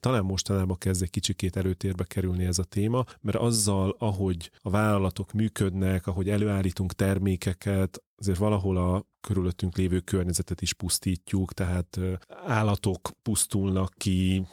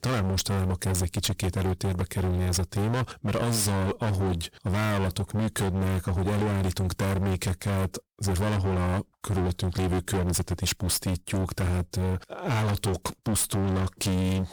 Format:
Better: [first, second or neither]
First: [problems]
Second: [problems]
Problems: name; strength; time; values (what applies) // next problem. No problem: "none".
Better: first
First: none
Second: distortion; heavy; 37% of the sound clipped